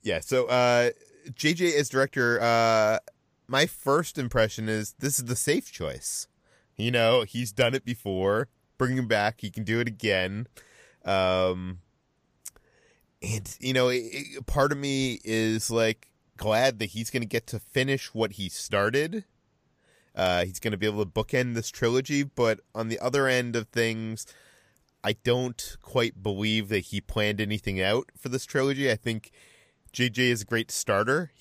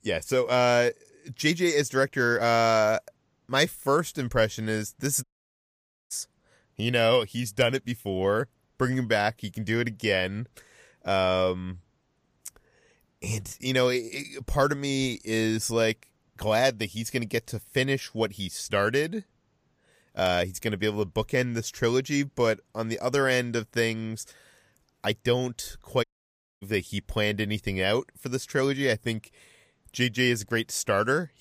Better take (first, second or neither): first